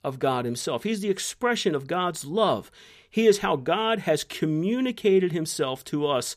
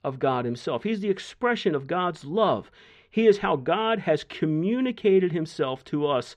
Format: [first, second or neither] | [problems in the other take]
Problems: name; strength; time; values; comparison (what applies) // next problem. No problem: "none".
first | muffled; slightly; fading above 3 kHz